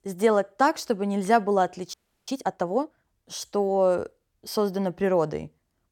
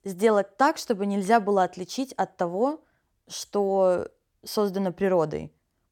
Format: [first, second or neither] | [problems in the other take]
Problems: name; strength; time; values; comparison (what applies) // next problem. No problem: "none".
second | audio freezing; at 2 s